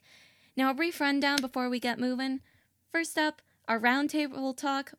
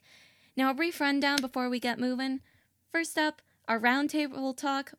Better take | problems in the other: neither | none

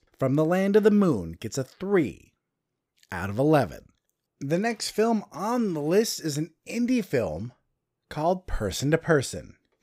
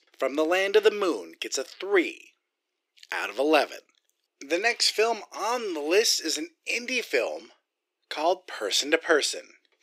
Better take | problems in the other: first | thin; very; fading below 350 Hz

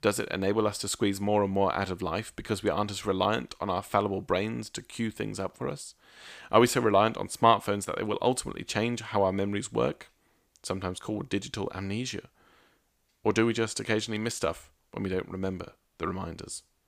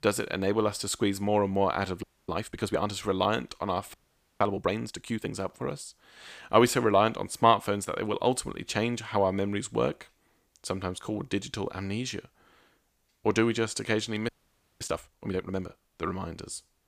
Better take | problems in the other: first | audio freezing; at 2 s, at 4 s and at 14 s for 0.5 s

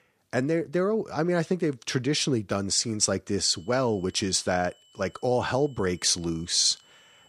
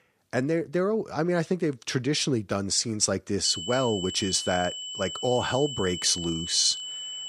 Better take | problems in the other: first | high-pitched whine; loud; from 3.5 s on; 3 kHz, 7 dB below the speech; faint in the first

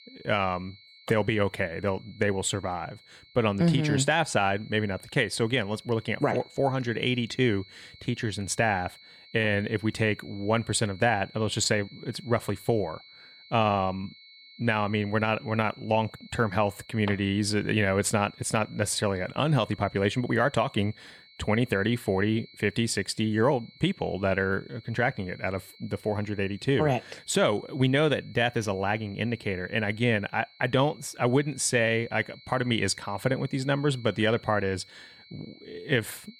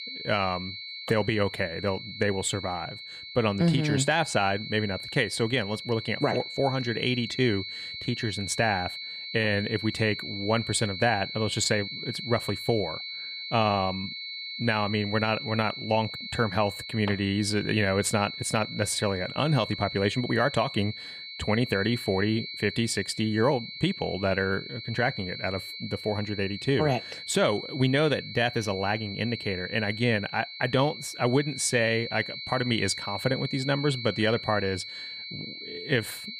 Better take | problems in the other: first | high-pitched whine; loud; throughout; 4 kHz, 8 dB below the speech; faint in the first

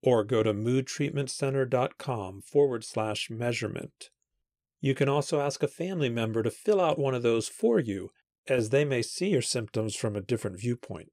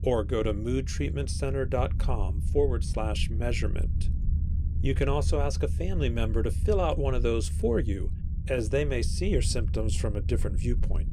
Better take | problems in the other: first | low rumble; noticeable; throughout; 15 dB below the speech

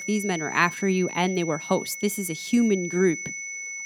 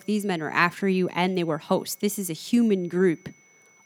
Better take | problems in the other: second | high-pitched whine; loud; throughout; 2 kHz, 9 dB below the speech; faint in the second

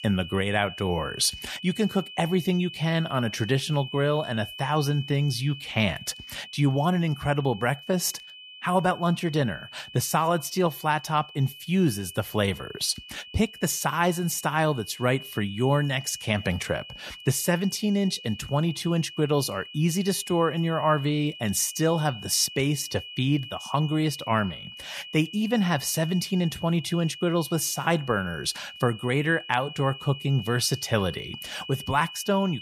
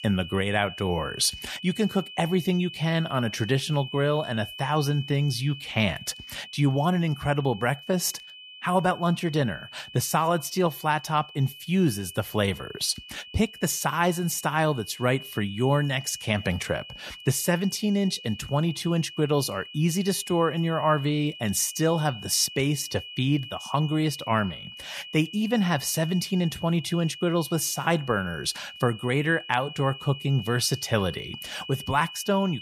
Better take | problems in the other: neither | high-pitched whine; noticeable; throughout; 3 kHz, 15 dB below the speech; the same in both

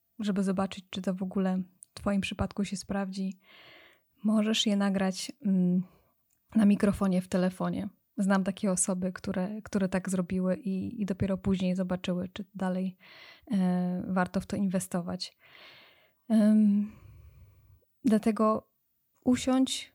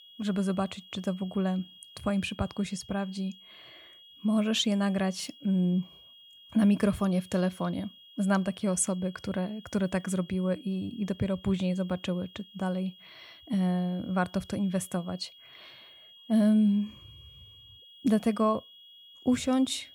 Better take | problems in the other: first | high-pitched whine; faint; throughout; 3.5 kHz, 20 dB below the speech

